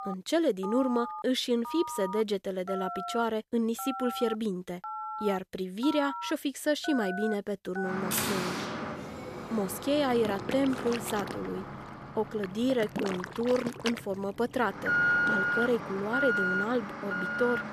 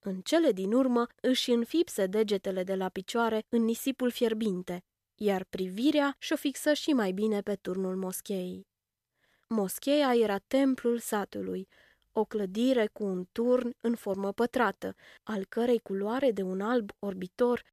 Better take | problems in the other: second | alarms or sirens; loud; throughout; 3 dB below the speech

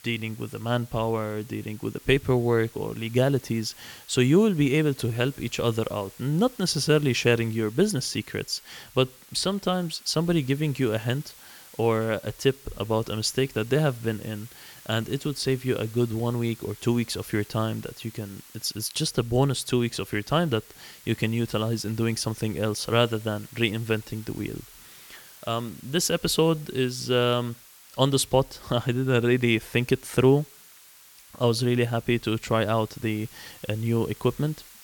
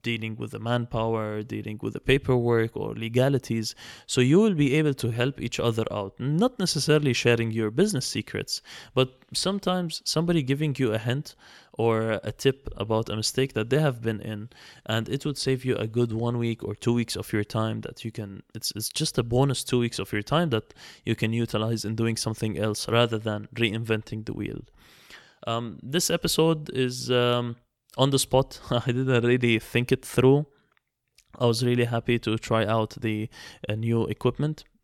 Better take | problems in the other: second | hiss; faint; throughout; 20 dB below the speech

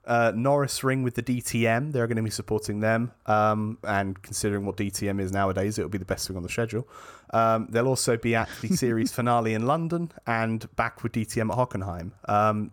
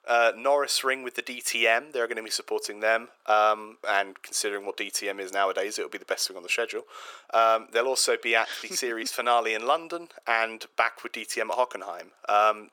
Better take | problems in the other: first | thin; very; fading below 400 Hz

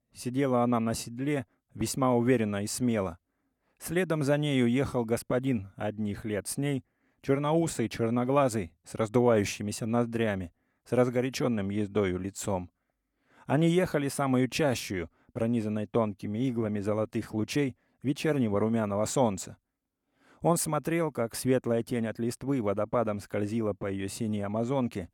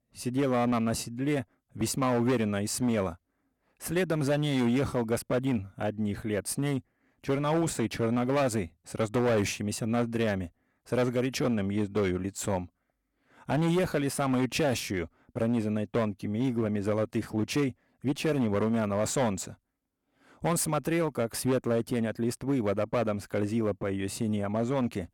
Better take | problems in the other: first | distortion; slight; 9% of the sound clipped

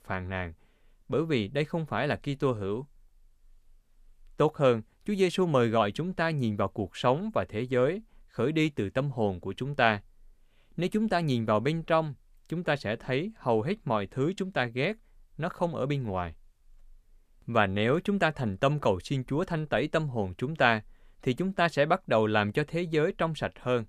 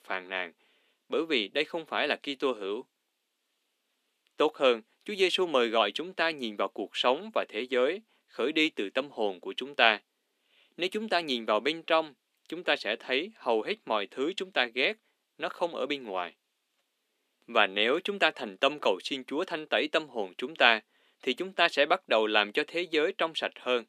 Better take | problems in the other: first | thin; somewhat; fading below 250 Hz

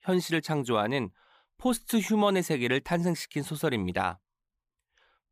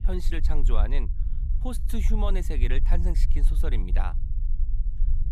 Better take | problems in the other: first | low rumble; noticeable; throughout; 10 dB below the speech

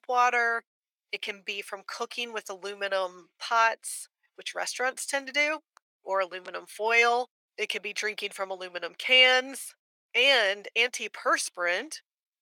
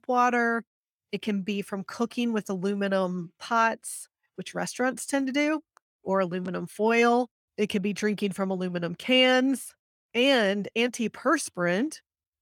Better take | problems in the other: second | thin; very; fading below 550 Hz

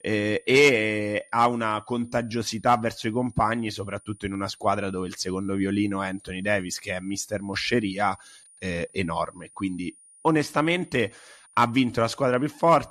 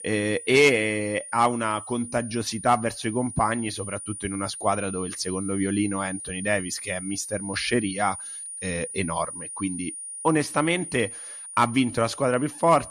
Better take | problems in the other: first | high-pitched whine; loud; throughout; 9.5 kHz, 10 dB below the speech; faint in the first

